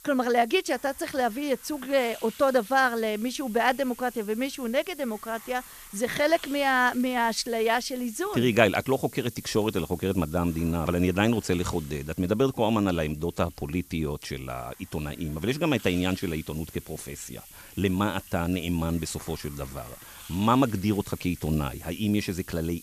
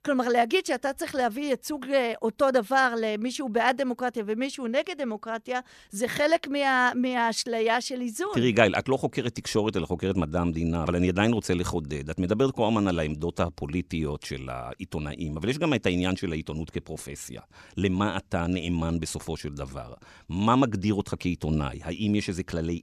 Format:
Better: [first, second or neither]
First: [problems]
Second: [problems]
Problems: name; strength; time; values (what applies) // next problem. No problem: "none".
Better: second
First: hiss; noticeable; throughout; 20 dB below the speech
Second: none